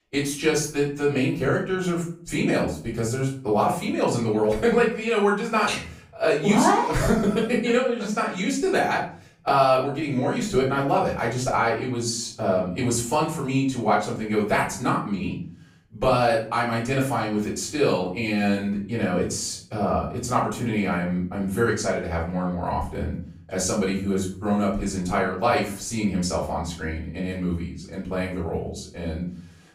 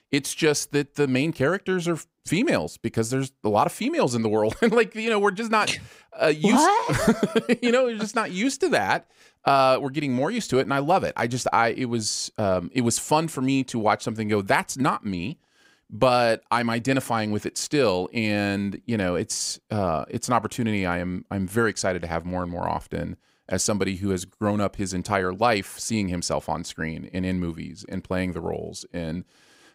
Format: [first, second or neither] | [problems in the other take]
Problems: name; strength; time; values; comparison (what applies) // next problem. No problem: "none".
second | room echo; slight; dies away in 0.4 s // off-mic speech; far